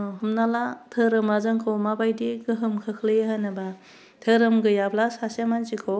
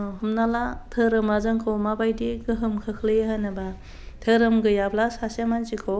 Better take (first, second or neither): first